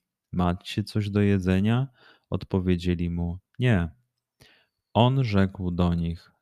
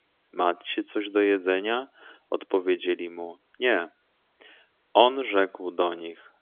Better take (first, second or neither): first